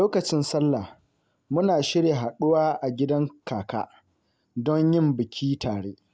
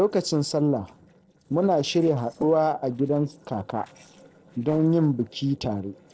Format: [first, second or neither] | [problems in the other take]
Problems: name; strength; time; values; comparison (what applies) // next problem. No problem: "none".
first | noise reduction (neural separator model SepFormer DNS4)